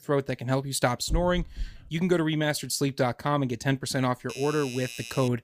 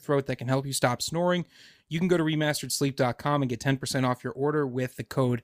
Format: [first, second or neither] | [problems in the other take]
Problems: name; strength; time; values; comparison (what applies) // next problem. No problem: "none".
second | dog barking; noticeable; at 1 s; peak 7 dB below the speech // doorbell; faint; from 4 s on; peak 10 dB below the speech